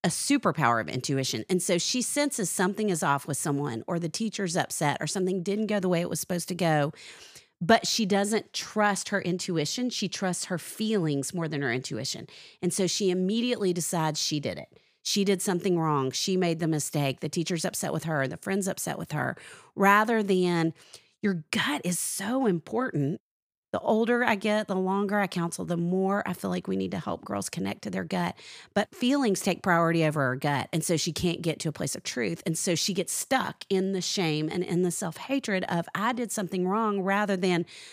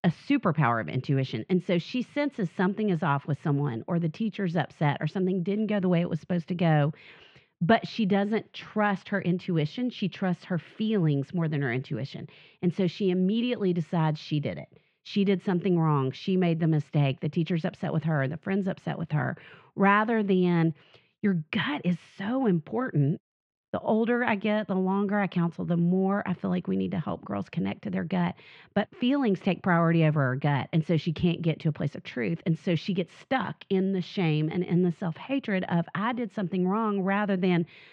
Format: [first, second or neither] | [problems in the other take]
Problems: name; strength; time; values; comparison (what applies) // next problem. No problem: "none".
first | muffled; very; fading above 3 kHz